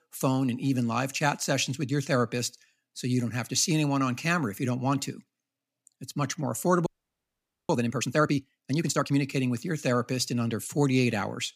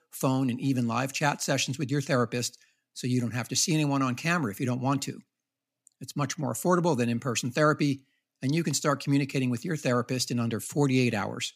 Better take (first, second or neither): second